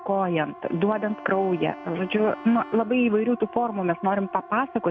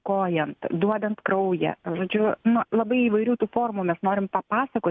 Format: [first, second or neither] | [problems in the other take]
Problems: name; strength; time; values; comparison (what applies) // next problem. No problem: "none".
second | background sound (Siren + Wind instrument, woodwind instrument); 16 dB below the speech